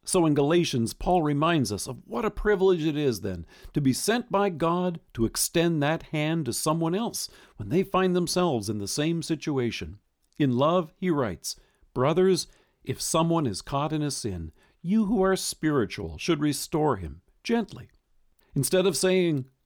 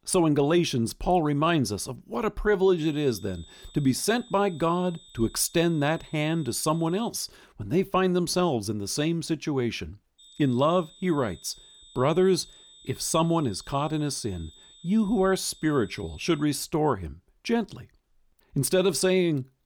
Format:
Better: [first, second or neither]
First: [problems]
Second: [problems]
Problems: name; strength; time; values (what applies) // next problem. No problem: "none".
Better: first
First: none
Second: high-pitched whine; faint; from 3 to 7 s and from 10 to 16 s; 3.5 kHz, 25 dB below the speech